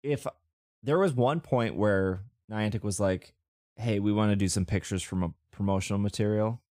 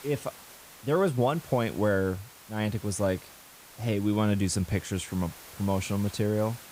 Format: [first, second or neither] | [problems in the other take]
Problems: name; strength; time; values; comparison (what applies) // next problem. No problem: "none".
first | hiss; noticeable; throughout; 20 dB below the speech